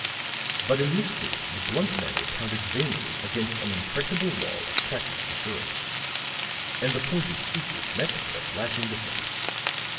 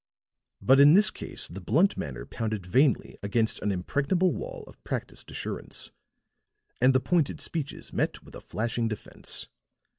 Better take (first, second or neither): second